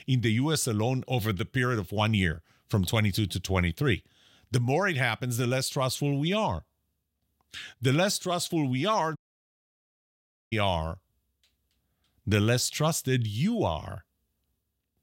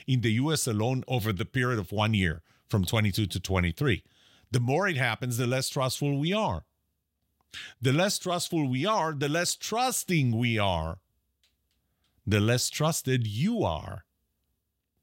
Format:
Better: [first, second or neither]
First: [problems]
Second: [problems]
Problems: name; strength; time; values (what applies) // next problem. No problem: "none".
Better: second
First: audio cutting out; at 9 s for 1.5 s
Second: none